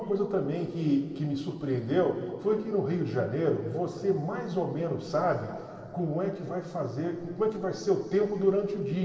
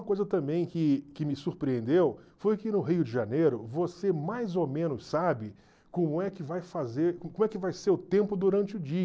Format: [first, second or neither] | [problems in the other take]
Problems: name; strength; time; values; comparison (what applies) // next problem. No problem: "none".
second | room echo; dies away in 2.5 s